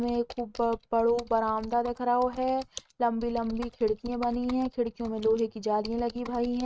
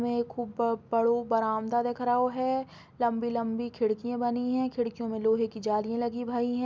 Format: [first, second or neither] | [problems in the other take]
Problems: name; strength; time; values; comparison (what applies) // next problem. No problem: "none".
second | noise reduction (neural mask model RNNoise)